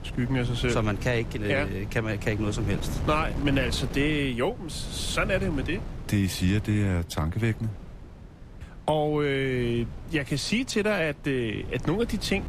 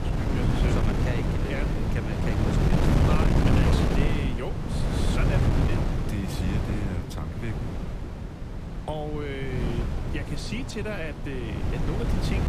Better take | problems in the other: first | wind noise on the microphone; heavy; 3 dB above the speech; occasional gusts in the first

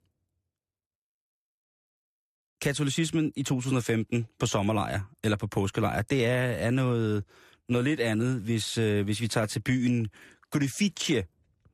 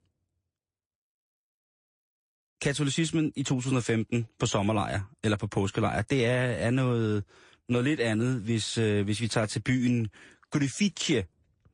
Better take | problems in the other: first | garbled, watery; slightly; nothing above 8.5 kHz

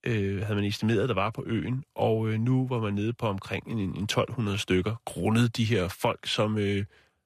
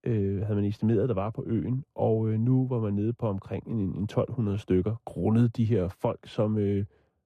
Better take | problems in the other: first | muffled; very; fading above 1 kHz

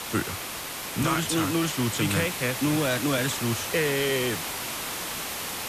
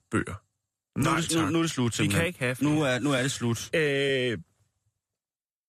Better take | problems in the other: second | hiss; loud; throughout; 4 dB below the speech

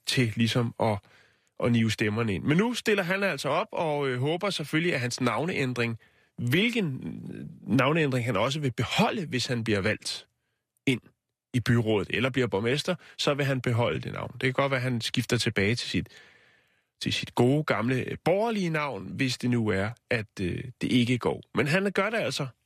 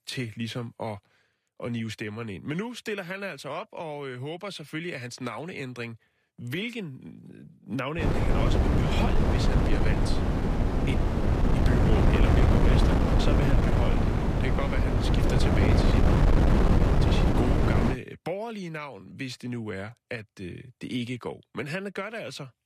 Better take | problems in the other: first | wind noise on the microphone; heavy; from 8 to 18 s; 5 dB above the speech

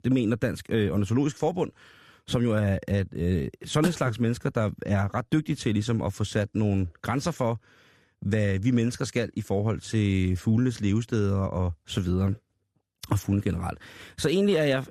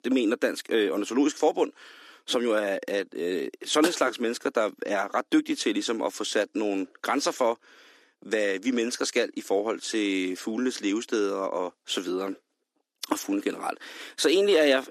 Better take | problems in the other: first | thin; somewhat; fading below 300 Hz

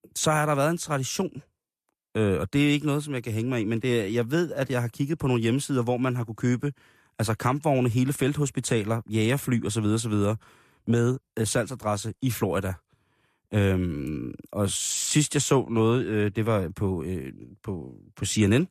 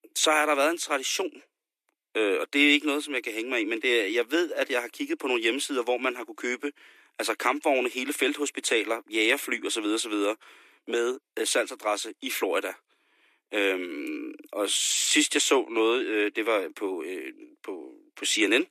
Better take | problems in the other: first | thin; somewhat; fading below 300 Hz

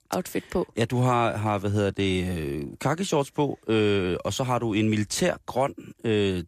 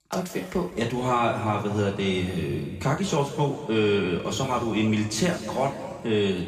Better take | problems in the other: first | room echo; noticeable; dies away in 2 s // off-mic speech; somewhat distant

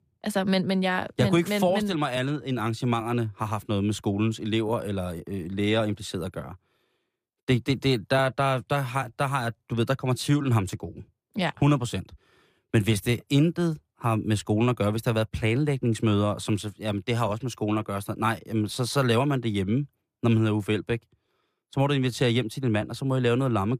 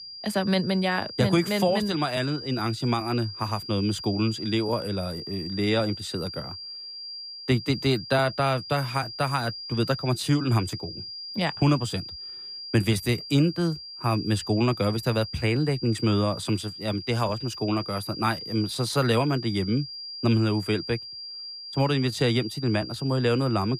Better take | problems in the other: first | high-pitched whine; loud; throughout; 5 kHz, 10 dB below the speech

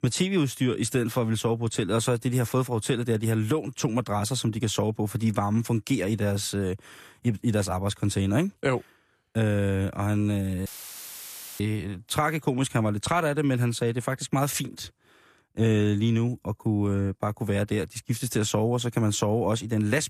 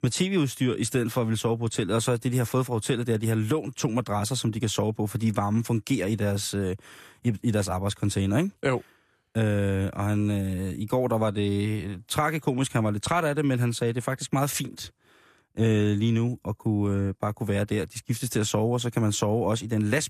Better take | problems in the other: second | audio cutting out; filled with static; at 11 s for 1 s

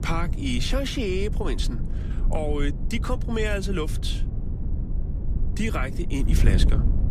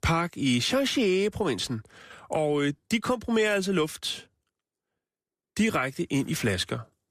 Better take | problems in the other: second | wind noise on the microphone; occasional gusts; 10 dB below the speech

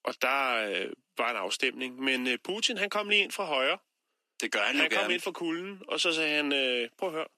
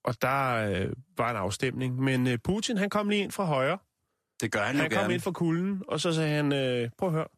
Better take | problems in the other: second | thin; somewhat; fading below 250 Hz

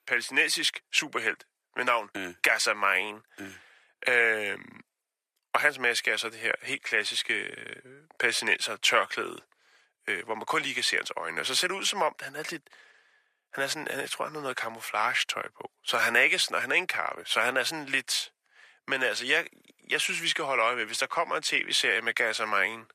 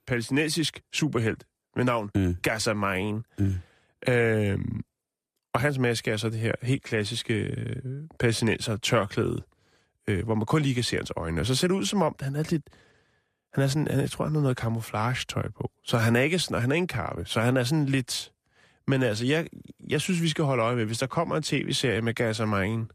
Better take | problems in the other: second | thin; very; fading below 650 Hz

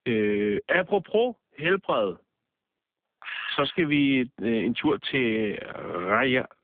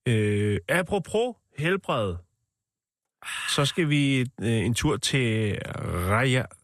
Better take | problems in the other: second | phone-call audio; poor line; nothing above 3.5 kHz

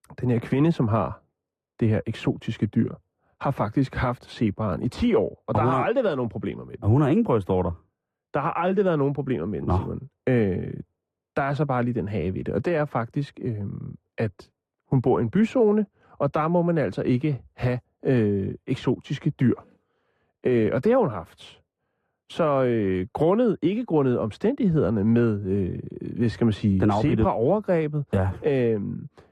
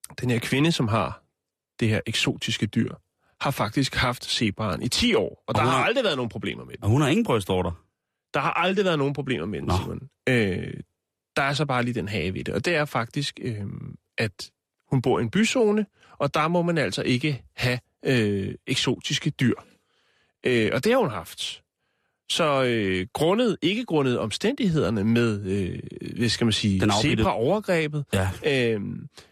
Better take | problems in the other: second | muffled; very; fading above 2 kHz

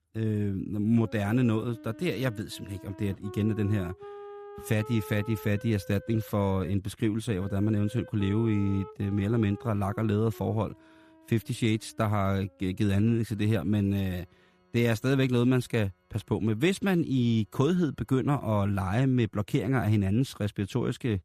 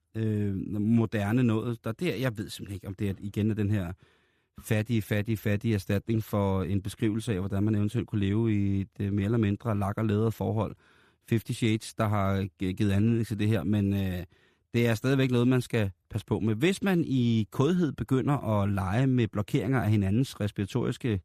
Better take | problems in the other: second | background music; noticeable; throughout; 20 dB below the speech

